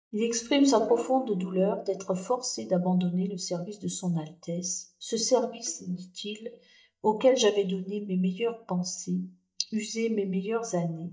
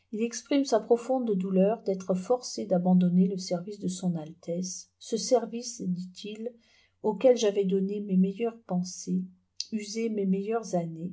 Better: second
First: noise reduction (neural mask model DeepFilterNet 3)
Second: none

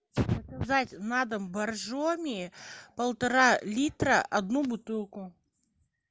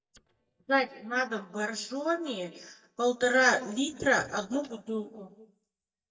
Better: first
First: none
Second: noise reduction (neural mask model DeepFilterNet 3)

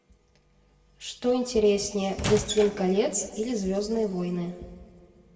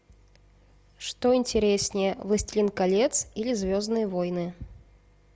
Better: second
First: background sound (Squeak / Wood); 6 dB below the speech // room echo; dies away in 1.6 s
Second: none

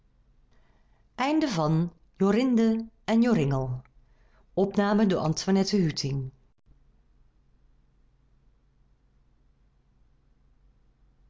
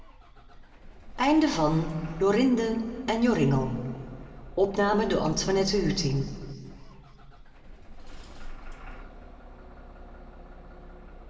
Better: first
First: none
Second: background sound (Engine starting / Bus); 14 dB below the speech // room echo; dies away in 2.4 s

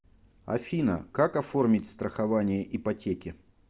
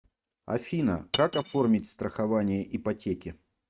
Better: first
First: none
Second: noise reduction (neural mask model RNNoise)

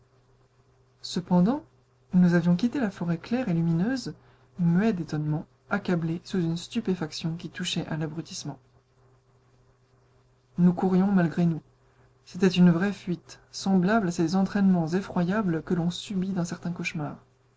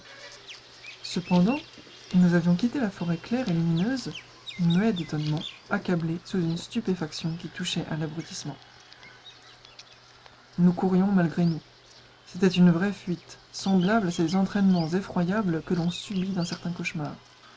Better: first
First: none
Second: background sound (Bird vocalization, bird call, bird song); 20 dB below the speech

